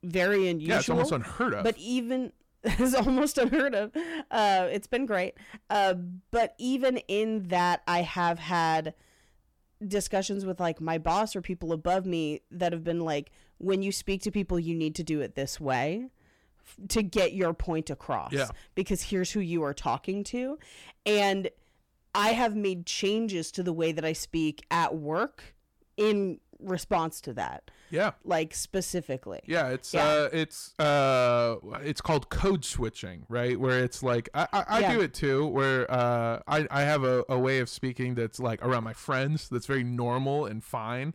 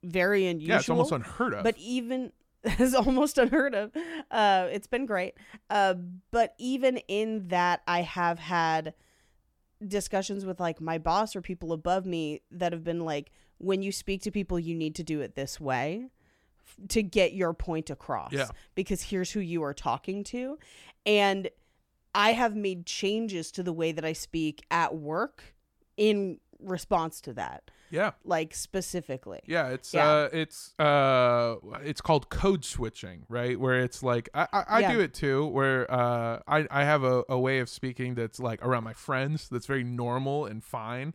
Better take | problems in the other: second | distortion; slight; 10 dB below the speech

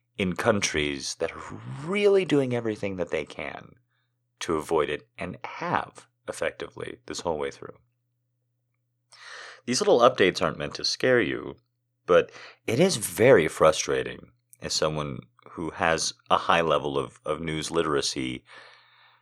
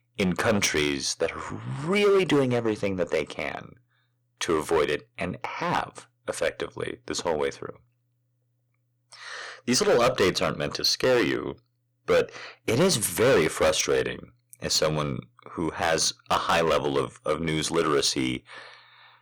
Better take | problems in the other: first | distortion; heavy; 6% of the sound clipped

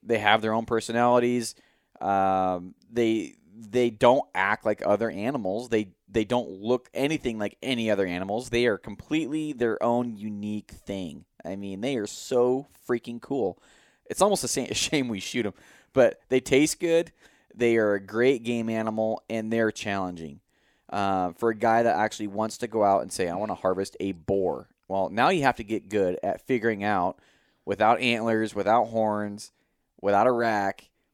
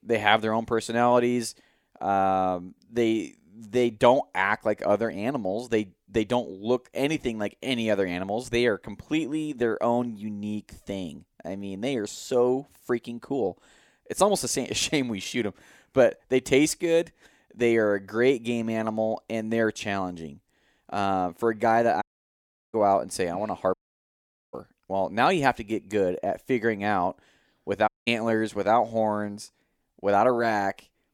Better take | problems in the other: first | audio cutting out; at 22 s for 0.5 s, at 24 s for 1 s and at 28 s

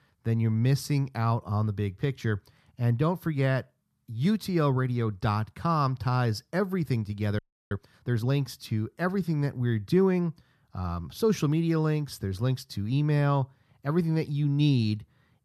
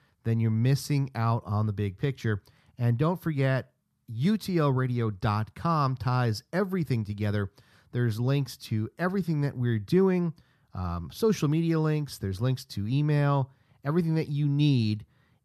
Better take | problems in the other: second | audio freezing; at 7.5 s

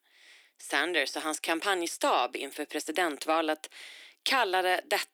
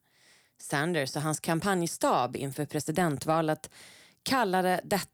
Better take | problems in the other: second | thin; somewhat; fading below 300 Hz

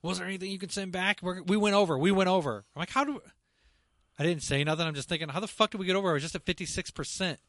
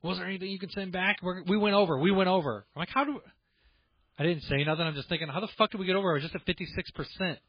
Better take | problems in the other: first | garbled, watery; badly; nothing above 4 kHz; slightly in the first

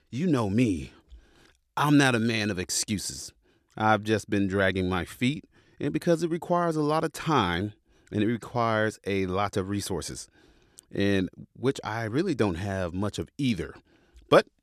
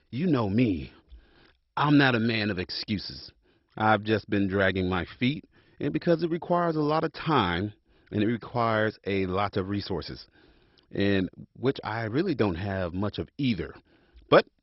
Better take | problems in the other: first | garbled, watery; badly; nothing above 5.5 kHz

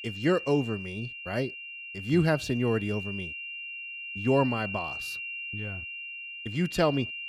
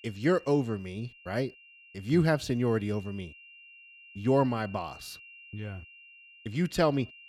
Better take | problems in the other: second | high-pitched whine; loud; throughout; 3 kHz, 7 dB below the speech; faint in the second

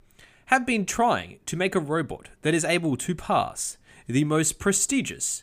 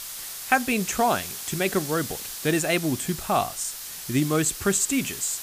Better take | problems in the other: first | hiss; loud; throughout; 8 dB below the speech

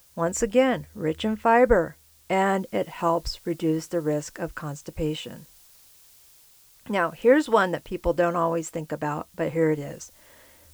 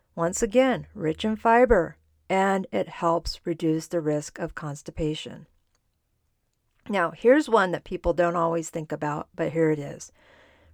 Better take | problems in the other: second | hiss; faint; throughout; 30 dB below the speech

